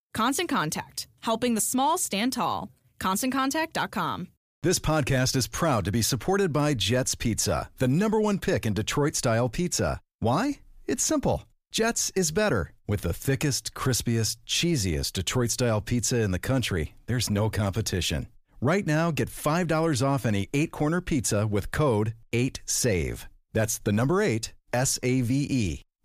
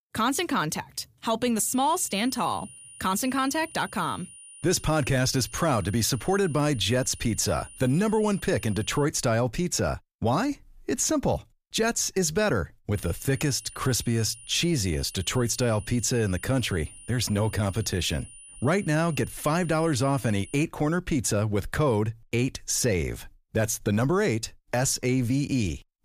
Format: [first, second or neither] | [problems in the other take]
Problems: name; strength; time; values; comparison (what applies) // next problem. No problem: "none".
first | high-pitched whine; noticeable; from 1.5 to 9 s and from 13 to 21 s; 9.5 kHz, 20 dB below the speech